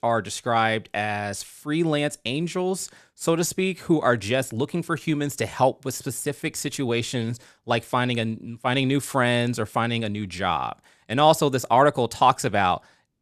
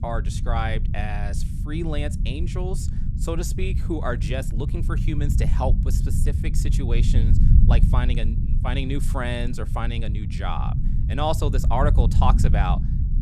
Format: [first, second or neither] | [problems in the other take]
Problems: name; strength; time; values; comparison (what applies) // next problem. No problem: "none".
first | low rumble; loud; throughout; 8 dB below the speech